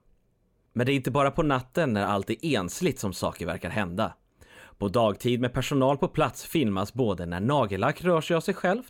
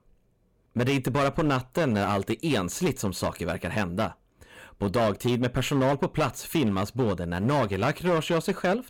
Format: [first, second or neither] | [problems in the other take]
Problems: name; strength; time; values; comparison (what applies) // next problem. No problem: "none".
first | distortion; slight; 10% of the sound clipped